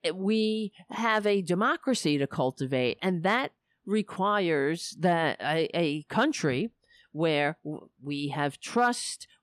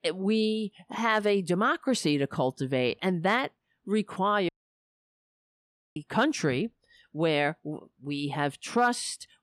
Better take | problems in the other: first | audio cutting out; at 4.5 s for 1.5 s

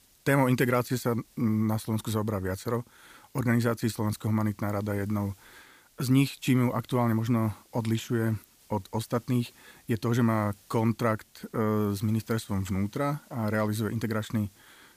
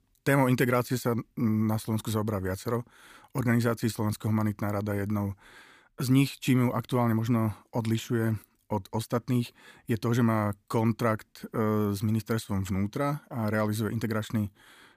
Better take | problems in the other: second | hiss; faint; throughout; 30 dB below the speech

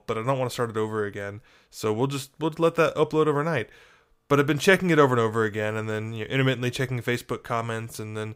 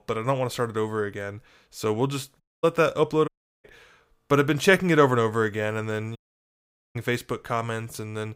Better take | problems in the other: first | audio cutting out; at 2.5 s, at 3.5 s and at 6 s for 1 s

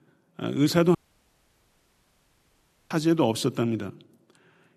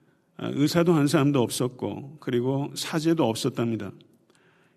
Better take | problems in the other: second | audio cutting out; at 1 s for 2 s

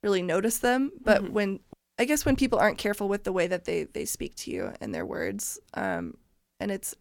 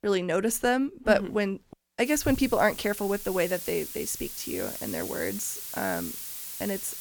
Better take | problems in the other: first | hiss; loud; from 2 s on; 8 dB below the speech

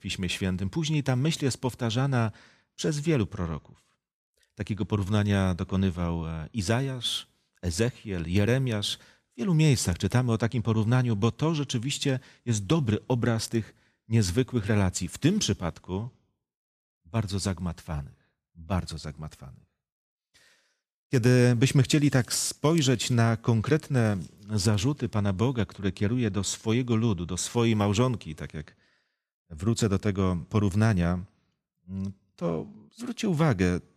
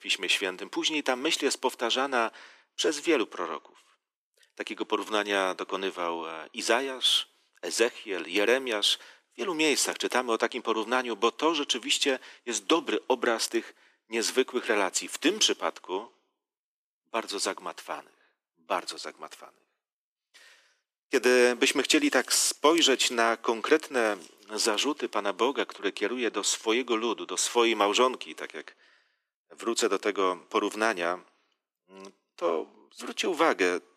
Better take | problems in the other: first | thin; very; fading below 300 Hz

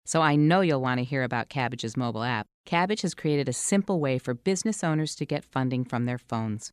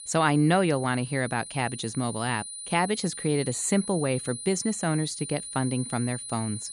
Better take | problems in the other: first | high-pitched whine; loud; throughout; 9.5 kHz, 9 dB below the speech

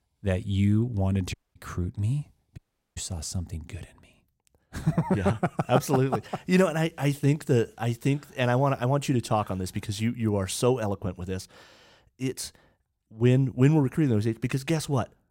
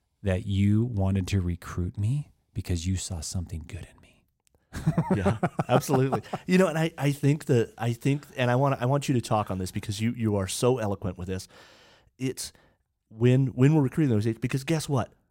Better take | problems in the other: second | audio cutting out; at 1.5 s and at 2.5 s

